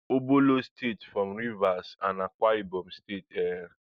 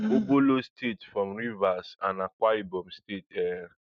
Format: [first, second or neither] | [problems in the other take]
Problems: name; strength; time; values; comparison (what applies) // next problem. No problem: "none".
first | noise reduction (neural mask model RNNoise)